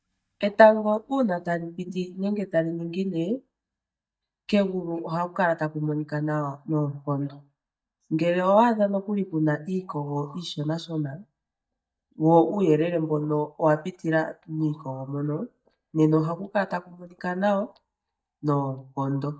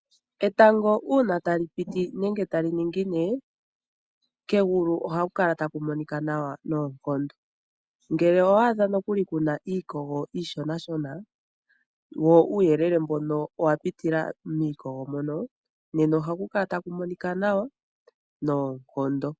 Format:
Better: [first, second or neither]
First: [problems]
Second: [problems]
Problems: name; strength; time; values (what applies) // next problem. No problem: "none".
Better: second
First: noise reduction (neural mask model DeepFilterNet 3)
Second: none